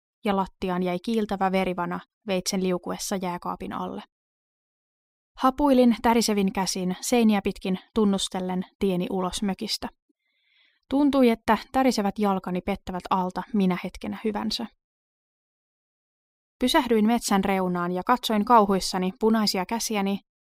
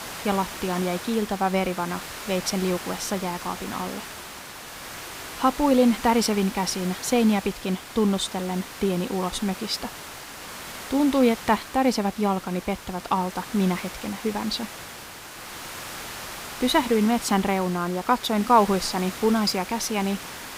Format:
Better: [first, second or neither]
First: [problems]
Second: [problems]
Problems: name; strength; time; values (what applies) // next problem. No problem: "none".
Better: first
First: none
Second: hiss; noticeable; throughout; 10 dB below the speech